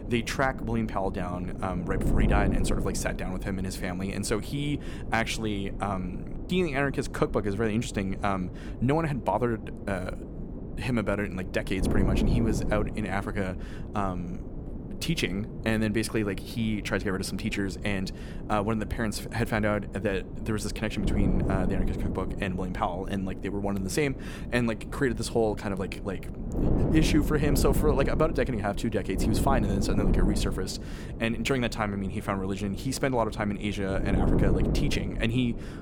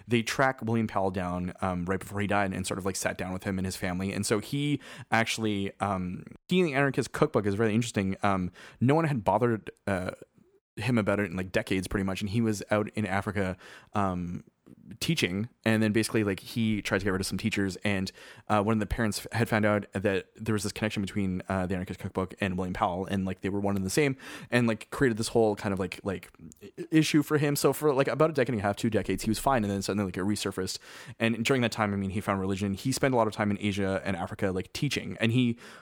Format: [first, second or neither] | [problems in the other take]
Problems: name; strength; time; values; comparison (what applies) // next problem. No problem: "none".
second | wind noise on the microphone; heavy; 9 dB below the speech